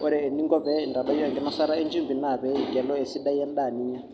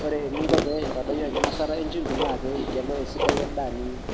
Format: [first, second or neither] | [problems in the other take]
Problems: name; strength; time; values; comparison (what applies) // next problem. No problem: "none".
first | background sound (Fireworks + Tick-tock); as loud as the speech